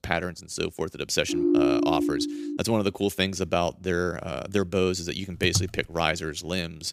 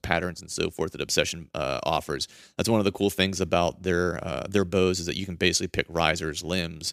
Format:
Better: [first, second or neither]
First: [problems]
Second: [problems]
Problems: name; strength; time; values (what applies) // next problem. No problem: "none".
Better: second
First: phone ringing; loud; from 1.5 to 2.5 s; peak 6 dB above the speech // keyboard typing; noticeable; at 5.5 s; peak 4 dB below the speech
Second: none